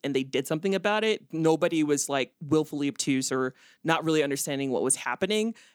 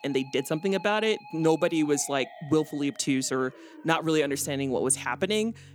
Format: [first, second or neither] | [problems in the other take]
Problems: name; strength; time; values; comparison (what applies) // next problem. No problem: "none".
first | background music; faint; throughout; 20 dB below the speech